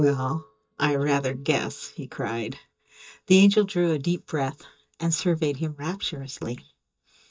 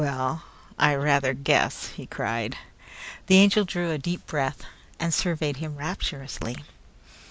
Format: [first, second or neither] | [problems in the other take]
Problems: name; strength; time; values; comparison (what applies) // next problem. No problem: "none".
second | noise reduction (neural mask model DeepFilterNet 3)